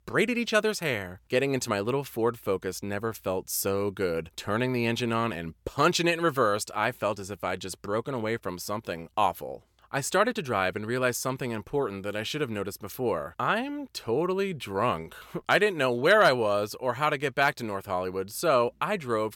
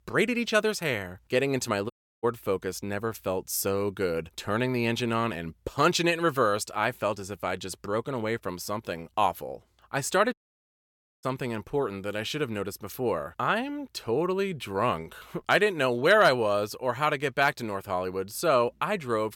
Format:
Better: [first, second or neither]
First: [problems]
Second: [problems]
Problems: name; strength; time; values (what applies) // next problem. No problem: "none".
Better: first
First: none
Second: audio cutting out; at 2 s and at 10 s for 1 s